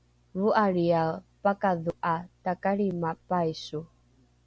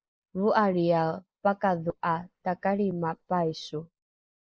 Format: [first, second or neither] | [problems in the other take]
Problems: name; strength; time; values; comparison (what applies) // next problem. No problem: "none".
first | noise reduction (neural mask model Resemble Enhance denoiser)